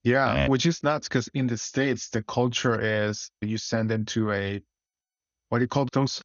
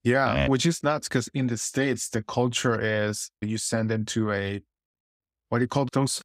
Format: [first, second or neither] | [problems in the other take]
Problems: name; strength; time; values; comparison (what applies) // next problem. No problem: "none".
second | garbled, watery; slightly; nothing above 6.5 kHz